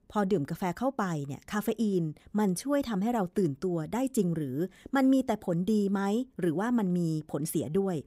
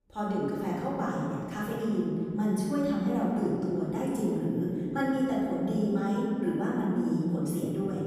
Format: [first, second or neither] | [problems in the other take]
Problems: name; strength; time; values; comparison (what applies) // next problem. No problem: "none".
first | off-mic speech; far // room echo; strong; dies away in 2.7 s